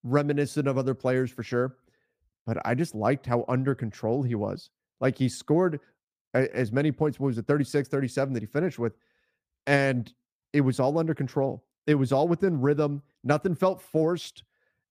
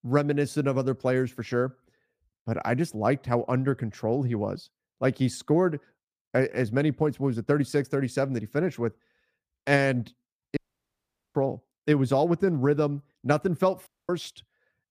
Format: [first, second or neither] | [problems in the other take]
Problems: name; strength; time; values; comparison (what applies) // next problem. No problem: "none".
first | audio cutting out; at 11 s for 1 s and at 14 s